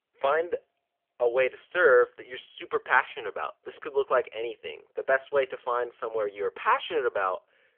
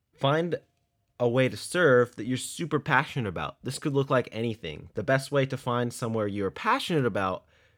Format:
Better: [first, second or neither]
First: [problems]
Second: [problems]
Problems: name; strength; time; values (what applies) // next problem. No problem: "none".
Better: second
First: phone-call audio; nothing above 3.5 kHz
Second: none